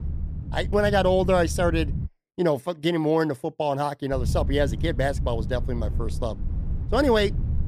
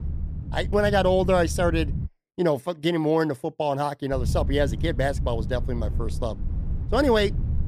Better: neither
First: low rumble; noticeable; until 2 s and from 4 s on; 20 dB below the speech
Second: low rumble; noticeable; until 2 s and from 4 s on; 20 dB below the speech

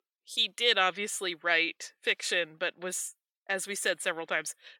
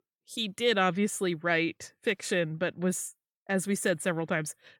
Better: second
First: thin; very; fading below 500 Hz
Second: none

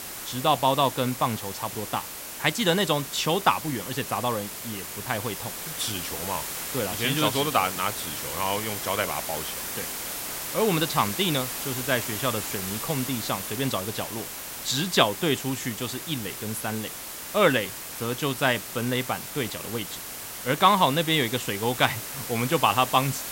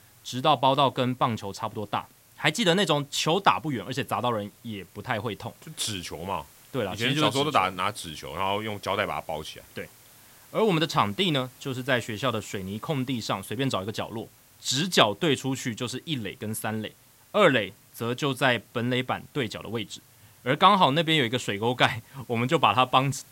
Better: second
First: hiss; loud; throughout; 6 dB below the speech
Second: hiss; faint; throughout; 25 dB below the speech

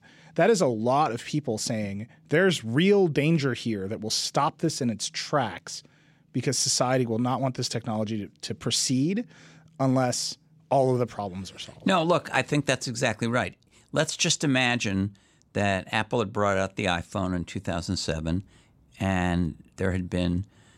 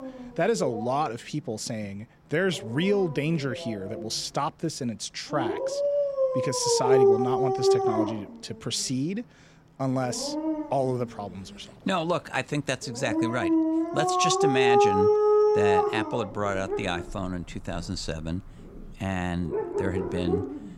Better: first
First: none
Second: animal sounds; very loud; throughout; 4 dB above the speech

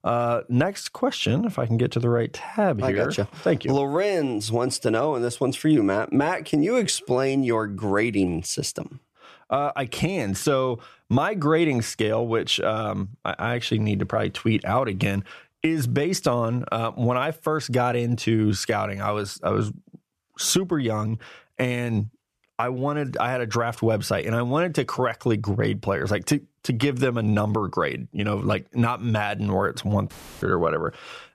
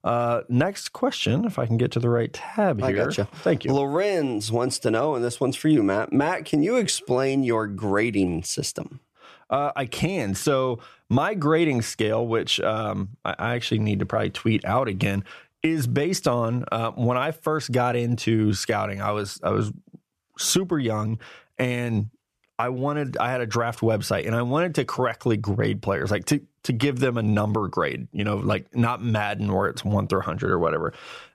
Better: second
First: audio cutting out; filled with static; at 30 s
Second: none

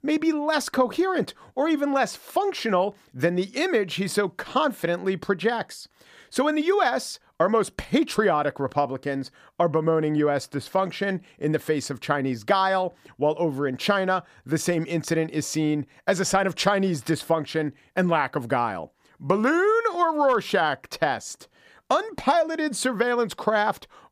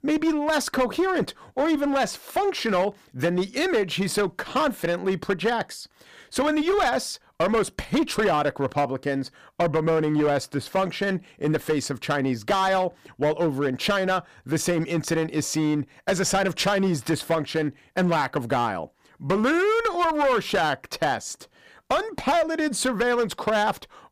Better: first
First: none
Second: distortion; slight; 11% of the sound clipped

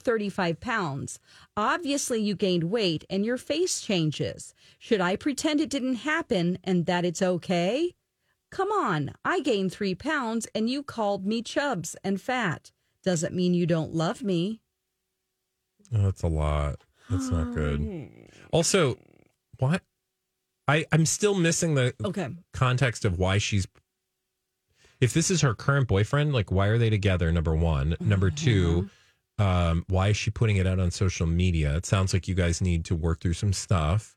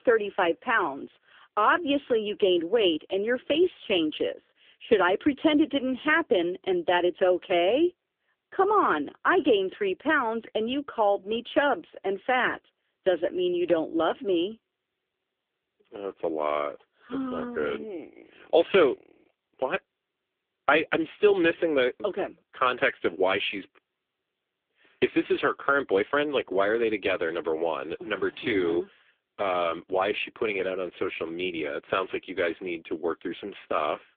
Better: first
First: none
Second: phone-call audio; poor line; nothing above 3.5 kHz

